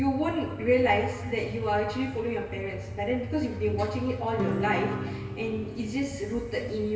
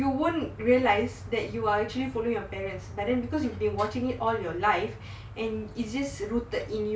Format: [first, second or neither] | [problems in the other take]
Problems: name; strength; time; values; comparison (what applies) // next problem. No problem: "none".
second | background sound (Acoustic guitar / Strum); 5 dB below the speech // room echo; dies away in 2.8 s